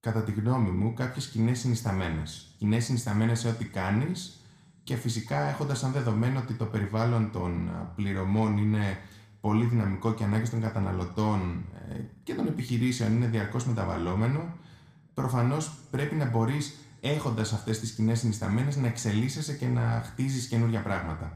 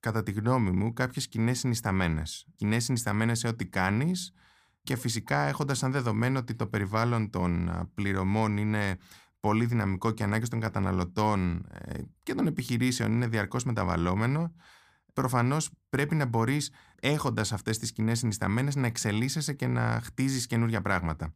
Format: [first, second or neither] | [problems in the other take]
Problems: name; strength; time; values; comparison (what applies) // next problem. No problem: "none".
second | room echo; slight; dies away in 0.7 s